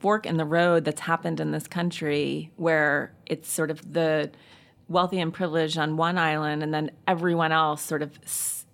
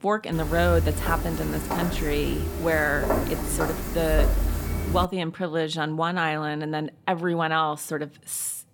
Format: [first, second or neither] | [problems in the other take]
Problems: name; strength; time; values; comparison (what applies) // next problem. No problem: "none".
first | footsteps; loud; until 5 s; peak 2 dB above the speech